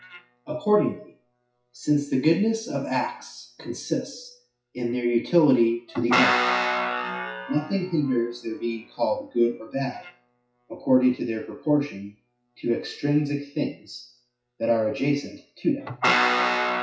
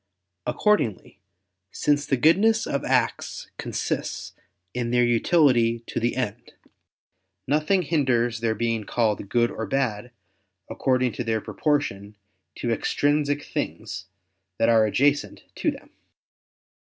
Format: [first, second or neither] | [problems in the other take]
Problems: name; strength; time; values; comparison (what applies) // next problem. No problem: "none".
second | noise reduction (classical method WPE with log-MMSE)